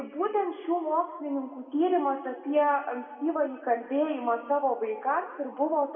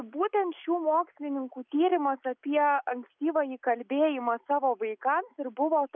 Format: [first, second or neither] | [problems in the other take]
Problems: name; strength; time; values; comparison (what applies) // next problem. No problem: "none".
second | room echo; dies away in 1.5 s